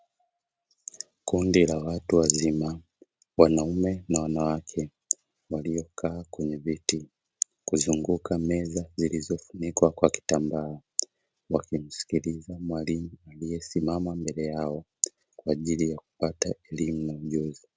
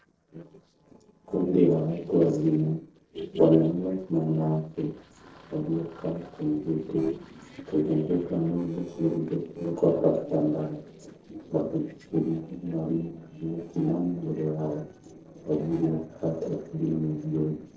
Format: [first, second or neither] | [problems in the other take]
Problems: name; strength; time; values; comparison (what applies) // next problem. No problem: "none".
first | noise reduction (neural separator model SepFormer DNS4)